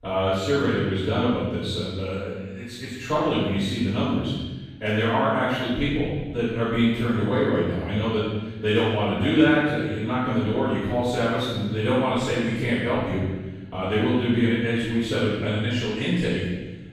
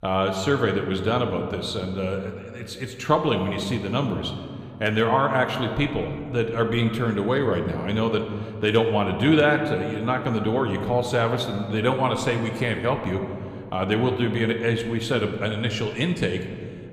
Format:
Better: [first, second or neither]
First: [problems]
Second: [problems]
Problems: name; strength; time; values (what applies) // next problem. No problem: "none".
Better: second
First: room echo; strong; dies away in 1.2 s // off-mic speech; far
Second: room echo; slight; dies away in 1.7 s